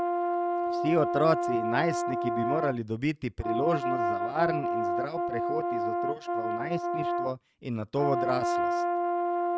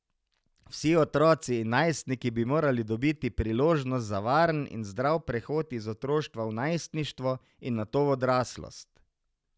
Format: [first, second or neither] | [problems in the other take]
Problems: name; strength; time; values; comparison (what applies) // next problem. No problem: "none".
second | noise reduction (neural mask model RNNoise)